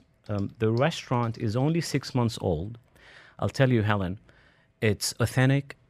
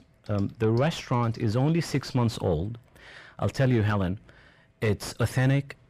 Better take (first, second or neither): first